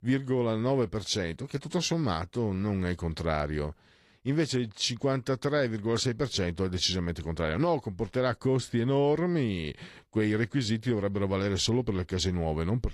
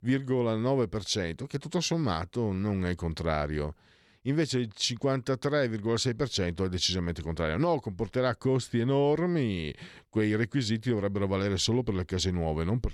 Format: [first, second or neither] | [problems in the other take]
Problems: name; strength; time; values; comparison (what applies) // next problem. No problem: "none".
second | garbled, watery; slightly